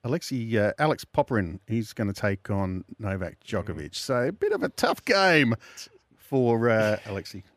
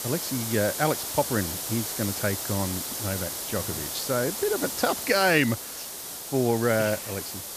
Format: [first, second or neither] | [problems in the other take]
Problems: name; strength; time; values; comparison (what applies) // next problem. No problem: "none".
first | hiss; loud; throughout; 4 dB below the speech